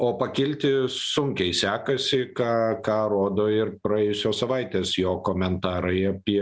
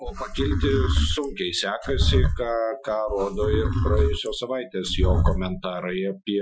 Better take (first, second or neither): first